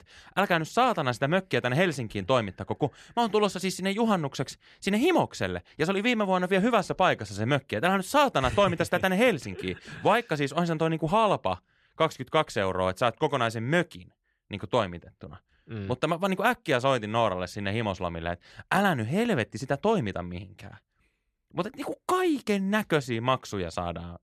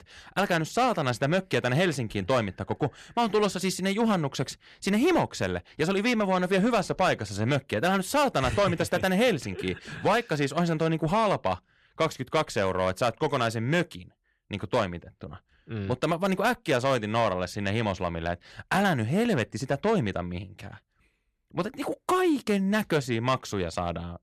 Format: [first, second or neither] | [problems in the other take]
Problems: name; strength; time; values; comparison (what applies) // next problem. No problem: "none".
first | distortion; slight; 10 dB below the speech